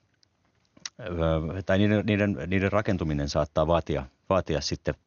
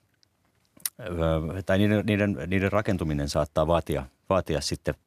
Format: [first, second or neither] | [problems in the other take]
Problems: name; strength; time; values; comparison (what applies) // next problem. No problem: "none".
second | garbled, watery; slightly; nothing above 6.5 kHz